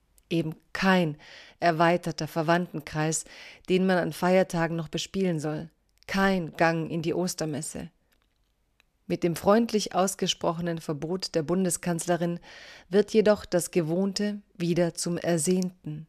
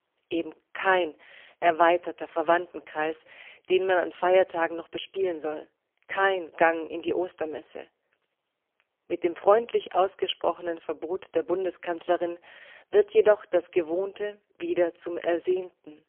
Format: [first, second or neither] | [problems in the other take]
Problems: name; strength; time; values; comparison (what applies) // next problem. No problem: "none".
first | phone-call audio; poor line; nothing above 3.5 kHz